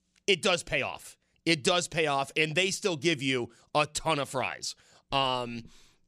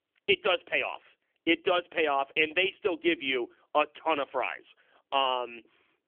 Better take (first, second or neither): first